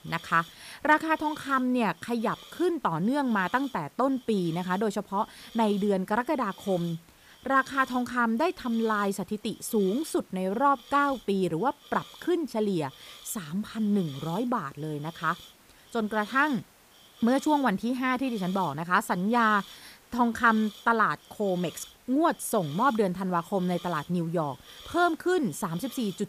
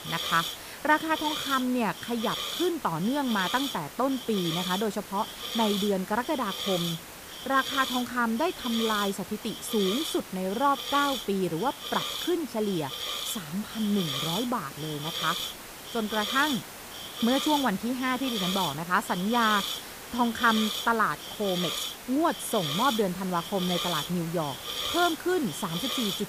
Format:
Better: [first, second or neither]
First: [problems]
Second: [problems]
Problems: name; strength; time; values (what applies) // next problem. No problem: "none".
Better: first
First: hiss; faint; throughout; 20 dB below the speech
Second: hiss; loud; throughout; 4 dB below the speech